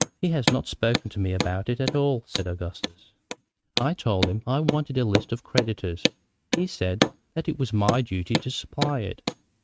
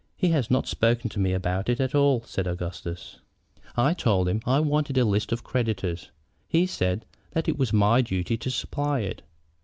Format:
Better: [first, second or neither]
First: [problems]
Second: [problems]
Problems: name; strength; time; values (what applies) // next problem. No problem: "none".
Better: second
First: noise reduction (neural mask model RNNoise)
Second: none